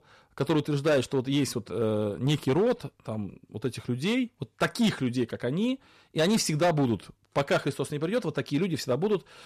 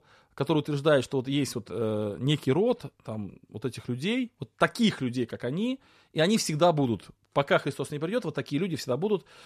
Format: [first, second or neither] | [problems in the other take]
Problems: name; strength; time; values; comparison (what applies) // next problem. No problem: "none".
second | distortion; slight; 5% of the sound clipped